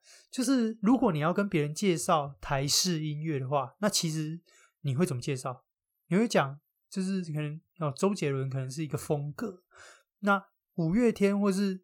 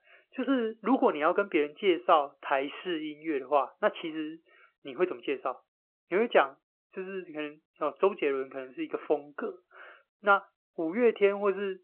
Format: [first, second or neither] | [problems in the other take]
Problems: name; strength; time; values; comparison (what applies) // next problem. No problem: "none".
first | phone-call audio